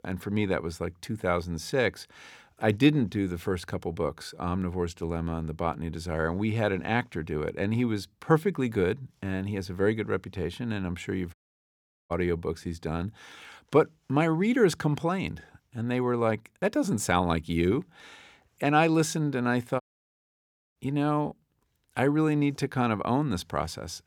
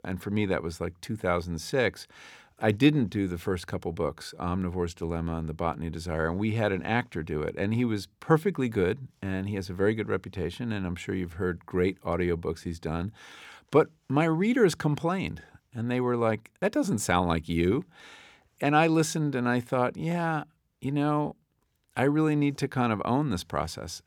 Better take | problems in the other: second | audio cutting out; at 11 s for 1 s and at 20 s for 1 s

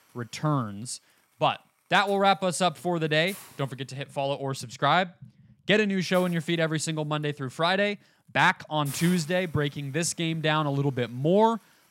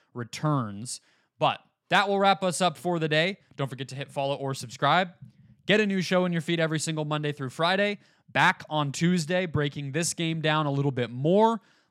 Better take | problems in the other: second | hiss; noticeable; throughout; 20 dB below the speech

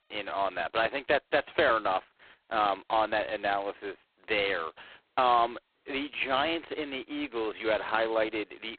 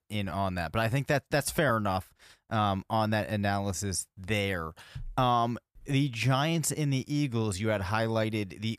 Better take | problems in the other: second | phone-call audio; poor line; nothing above 4 kHz

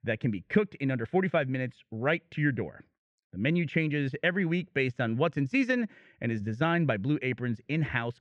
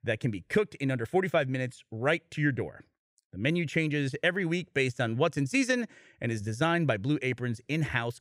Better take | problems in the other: second | muffled; slightly; fading above 2.5 kHz

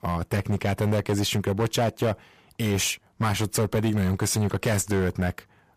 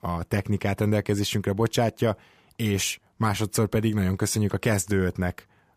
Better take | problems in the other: second | distortion; slight; 14% of the sound clipped

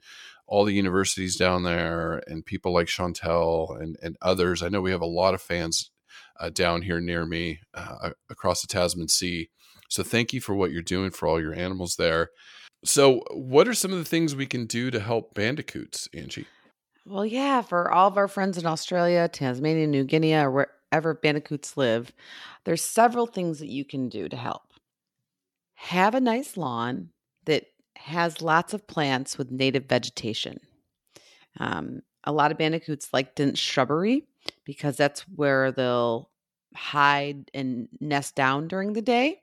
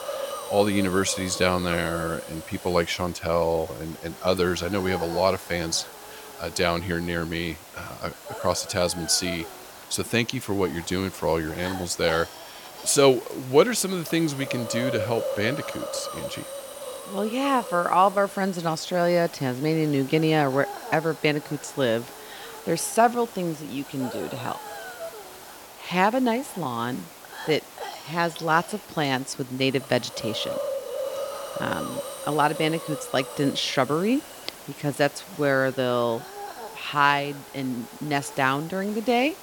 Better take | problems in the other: first | hiss; noticeable; throughout; 10 dB below the speech

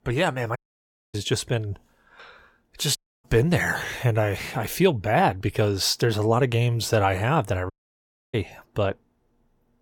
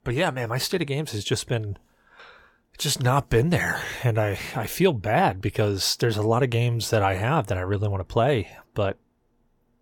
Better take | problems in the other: second | audio cutting out; at 0.5 s for 0.5 s, at 3 s and at 7.5 s for 0.5 s

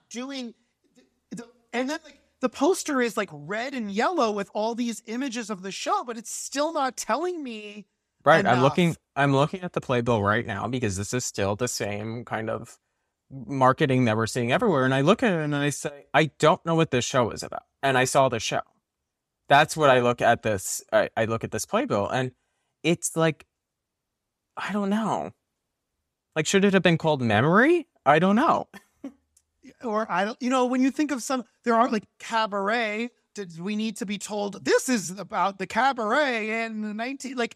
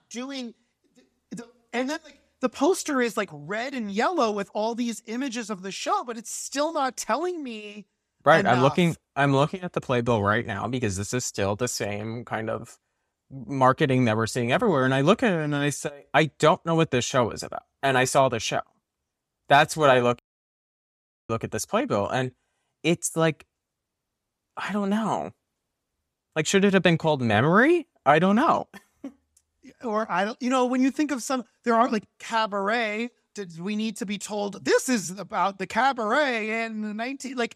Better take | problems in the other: first | audio cutting out; at 20 s for 1 s

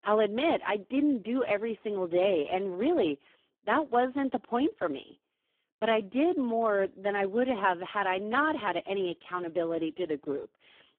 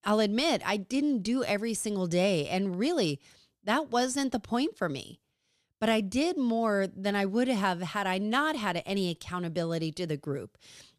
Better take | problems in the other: second | phone-call audio; poor line

